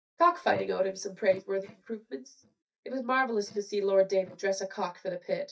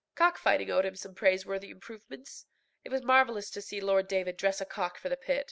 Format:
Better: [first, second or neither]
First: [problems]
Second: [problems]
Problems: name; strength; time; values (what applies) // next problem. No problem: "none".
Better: second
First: noise reduction (neural mask model DeepFilterNet 3)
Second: none